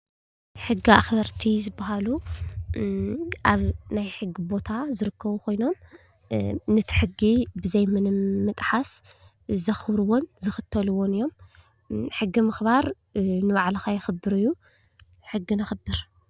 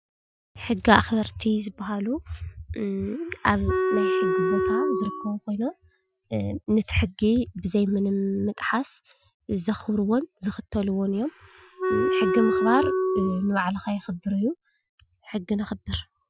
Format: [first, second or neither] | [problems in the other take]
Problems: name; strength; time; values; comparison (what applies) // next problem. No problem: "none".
first | noise reduction (classical method Wiener filter)